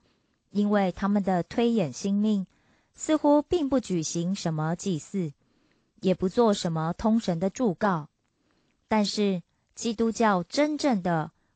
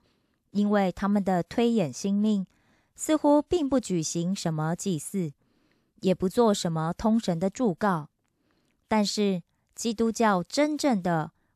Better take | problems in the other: second | garbled, watery; slightly; nothing above 7.5 kHz

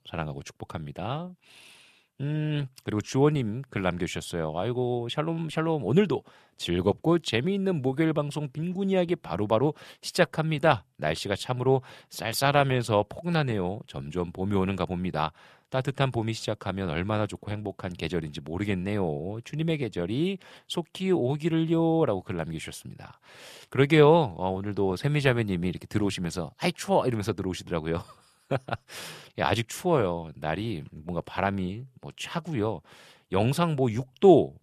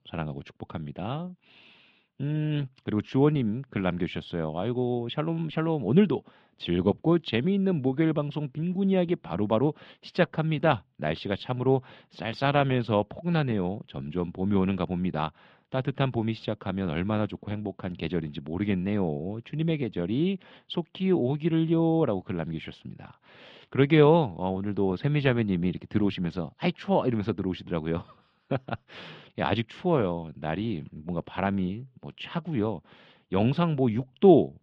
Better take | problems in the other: first | muffled; slightly; fading above 3.5 kHz

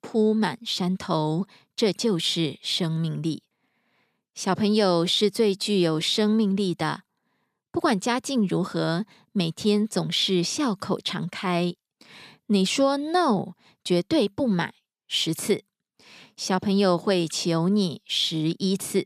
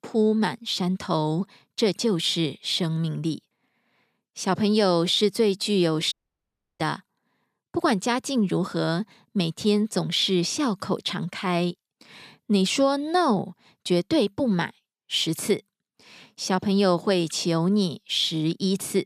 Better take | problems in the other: first | audio cutting out; at 6 s for 0.5 s

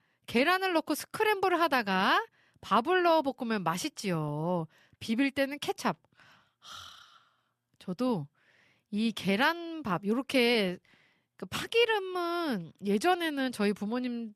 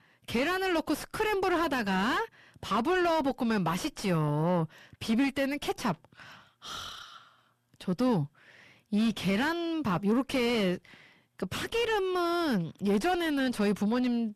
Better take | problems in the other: first | distortion; heavy; 5 dB below the speech

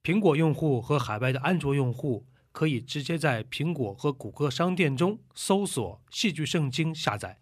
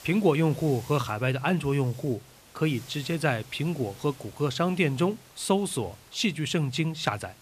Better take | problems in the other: first | hiss; faint; throughout; 20 dB below the speech

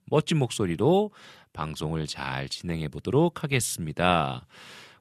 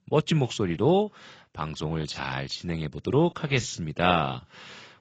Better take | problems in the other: first | garbled, watery; badly; nothing above 7.5 kHz

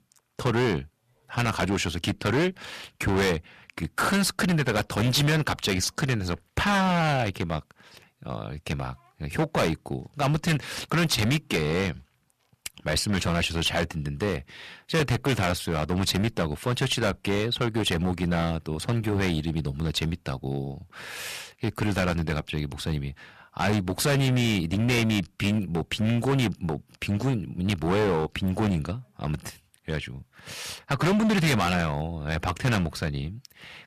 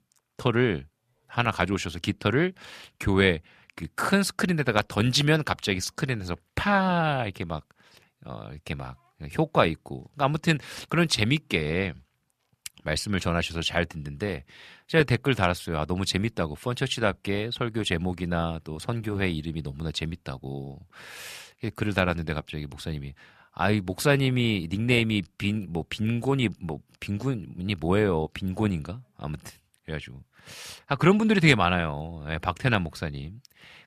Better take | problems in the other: second | distortion; heavy; 12% of the sound clipped

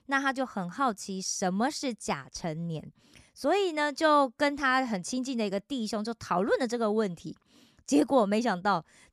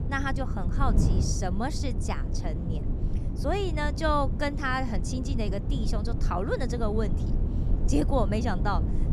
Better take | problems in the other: first | wind noise on the microphone; occasional gusts; 10 dB below the speech

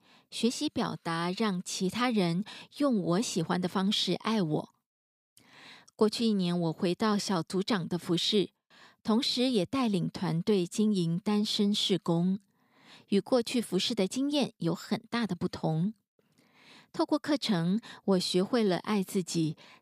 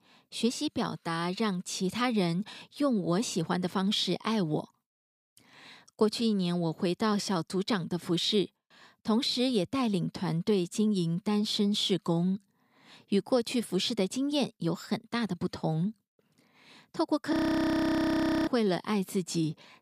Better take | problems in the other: first | audio freezing; at 17 s for 1 s

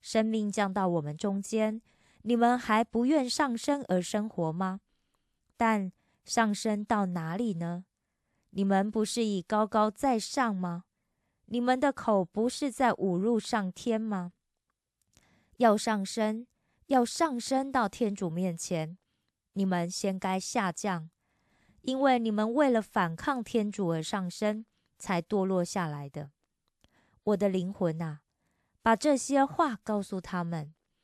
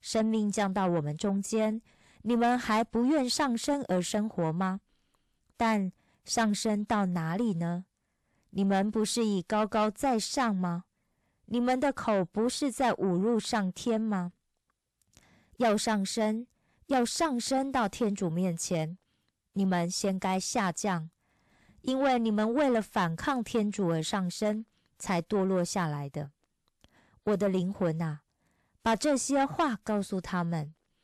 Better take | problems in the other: first | distortion; slight; 10 dB below the speech

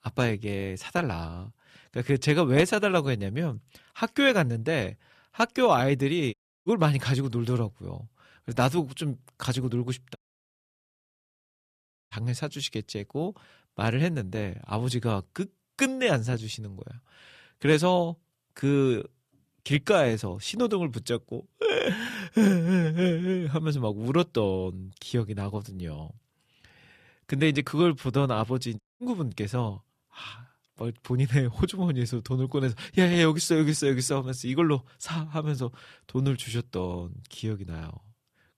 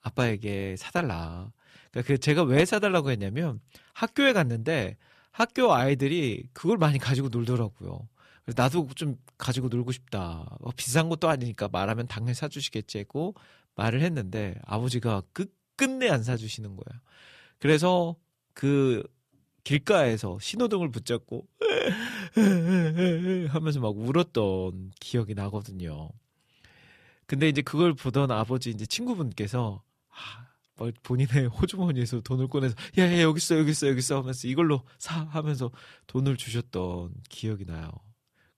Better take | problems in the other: second | audio cutting out; at 6.5 s, at 10 s for 2 s and at 29 s

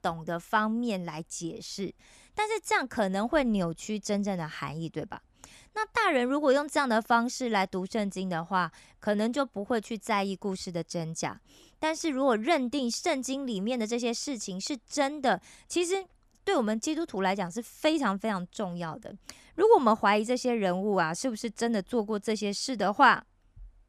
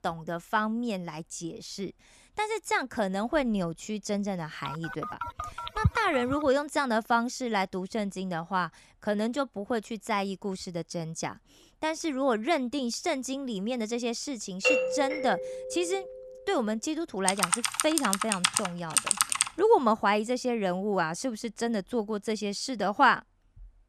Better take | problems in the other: first | phone ringing; noticeable; from 4.5 to 6.5 s; peak level with the speech // doorbell; loud; from 15 to 16 s; peak 5 dB above the speech // keyboard typing; loud; from 17 to 19 s; peak 5 dB above the speech

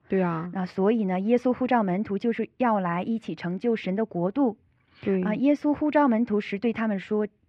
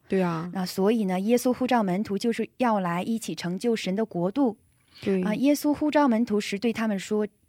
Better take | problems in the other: second | muffled; very; fading above 2 kHz

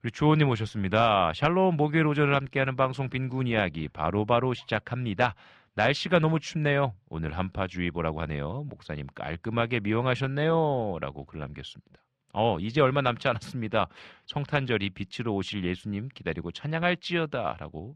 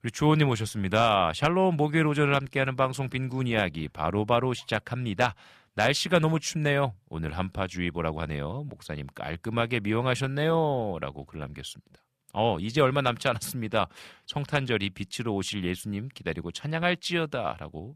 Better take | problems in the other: second | muffled; very slightly; fading above 3.5 kHz

